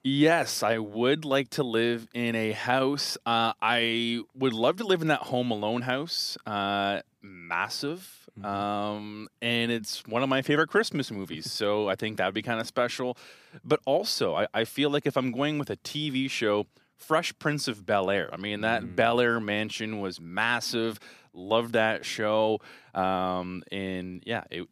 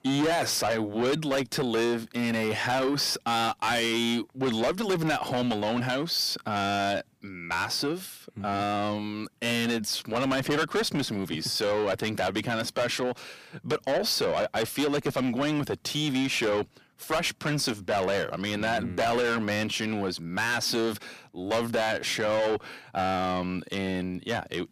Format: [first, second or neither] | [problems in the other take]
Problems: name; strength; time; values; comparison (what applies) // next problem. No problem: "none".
first | distortion; heavy; 5 dB below the speech